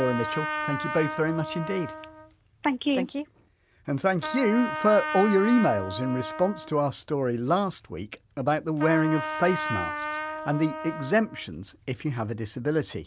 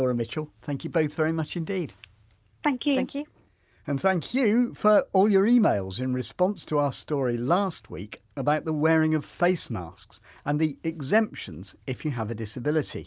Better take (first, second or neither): second